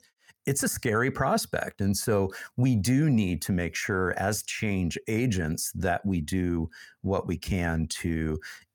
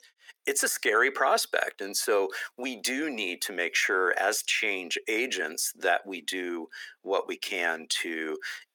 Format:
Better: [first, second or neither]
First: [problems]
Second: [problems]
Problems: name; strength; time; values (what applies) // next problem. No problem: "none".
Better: first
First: none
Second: thin; very; fading below 300 Hz